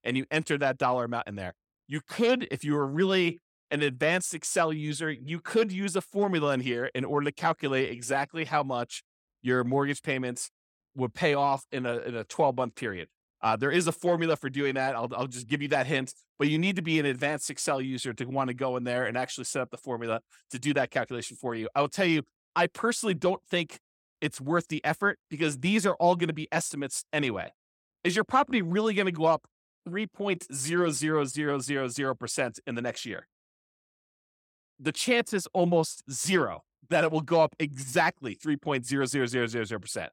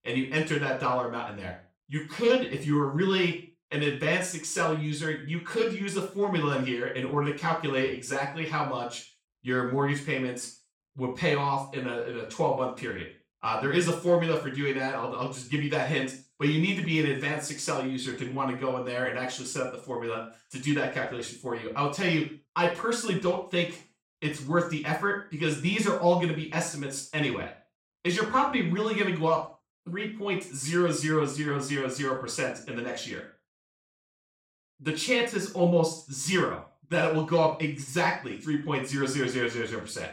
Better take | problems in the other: first | room echo; slight; dies away in 0.4 s // off-mic speech; far

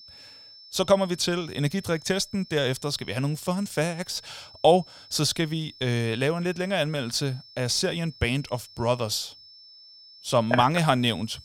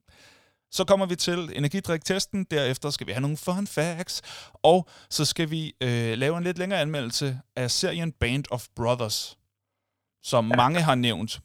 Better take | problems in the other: second | high-pitched whine; faint; throughout; 5.5 kHz, 20 dB below the speech

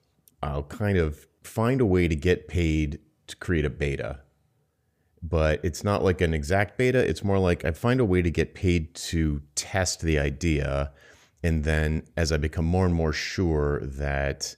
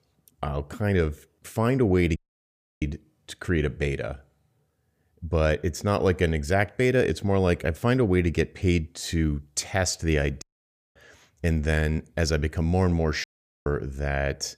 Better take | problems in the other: first | audio cutting out; at 2 s for 0.5 s, at 10 s for 0.5 s and at 13 s

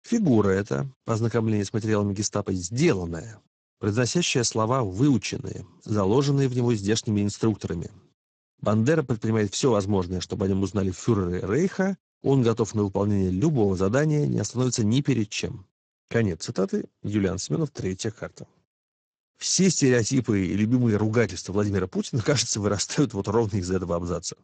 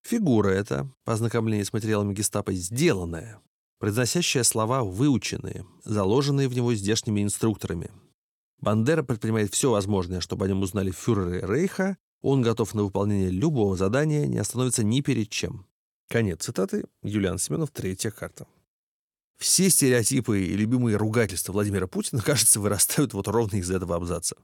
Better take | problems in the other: second | garbled, watery; badly; nothing above 8 kHz

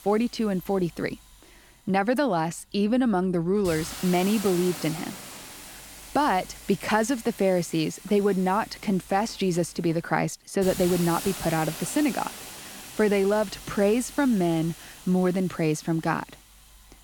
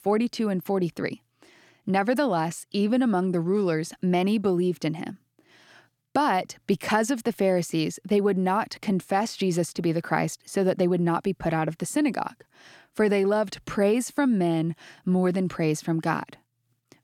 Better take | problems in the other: second | hiss; noticeable; throughout; 15 dB below the speech

